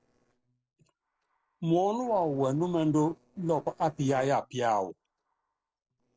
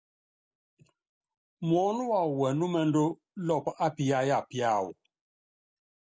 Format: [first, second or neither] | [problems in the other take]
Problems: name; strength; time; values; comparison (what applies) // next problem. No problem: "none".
second | noise reduction (neural separator model SepFormer DNS4)